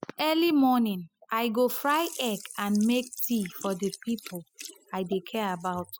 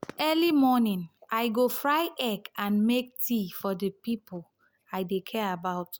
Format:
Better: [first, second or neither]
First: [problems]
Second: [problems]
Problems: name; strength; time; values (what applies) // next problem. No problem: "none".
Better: second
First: noise reduction (classical method spectral subtraction)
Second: none